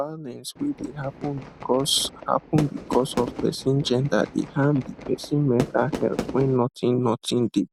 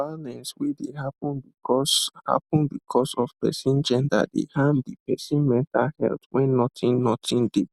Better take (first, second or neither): second